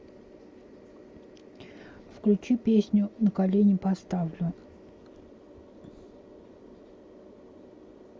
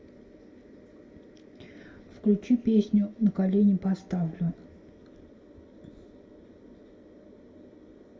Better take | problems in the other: first | room echo; dies away in 0.6 s

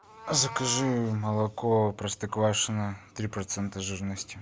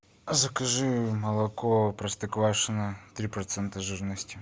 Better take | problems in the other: second | background sound (Meow); 17 dB below the speech

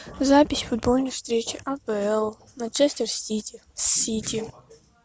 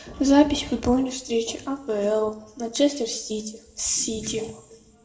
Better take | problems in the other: first | room echo; dies away in 0.9 s

